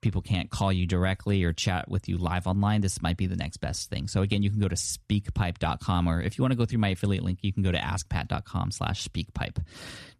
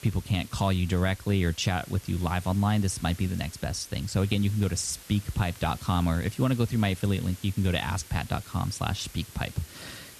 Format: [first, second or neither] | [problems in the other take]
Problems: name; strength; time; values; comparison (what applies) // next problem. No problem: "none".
first | hiss; noticeable; throughout; 20 dB below the speech